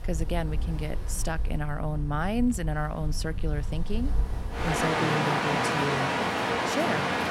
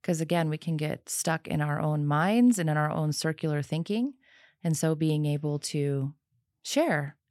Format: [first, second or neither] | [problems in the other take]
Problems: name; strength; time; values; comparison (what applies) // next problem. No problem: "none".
second | rain or running water; very loud; throughout; 2 dB above the speech